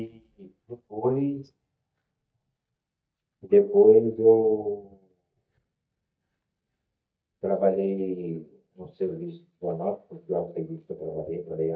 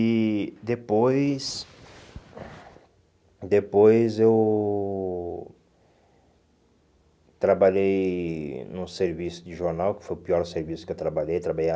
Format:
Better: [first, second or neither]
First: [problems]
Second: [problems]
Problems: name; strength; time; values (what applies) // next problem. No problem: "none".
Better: second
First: noise reduction (neural mask model DeepFilterNet 3)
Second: none